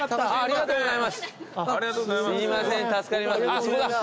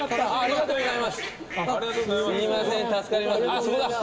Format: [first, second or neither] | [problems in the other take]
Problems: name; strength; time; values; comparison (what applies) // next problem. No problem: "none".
first | background sound (Fowl); 14 dB below the speech // room echo; dies away in 2 s